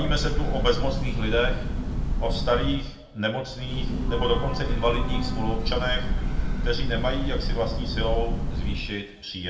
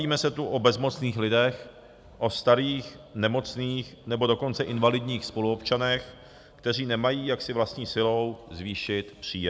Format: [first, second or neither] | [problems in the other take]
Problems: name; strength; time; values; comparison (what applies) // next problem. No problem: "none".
second | background sound (Train / Breathing); 3 dB above the speech // room echo; dies away in 0.6 s